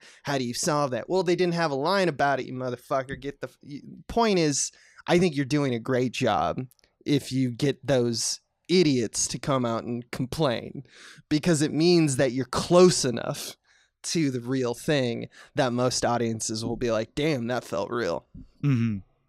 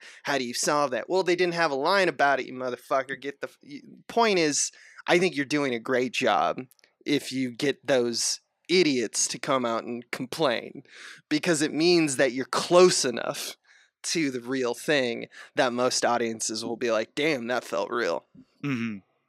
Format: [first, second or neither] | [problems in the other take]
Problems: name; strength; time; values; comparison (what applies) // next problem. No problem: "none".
first | thin; very slightly; fading below 250 Hz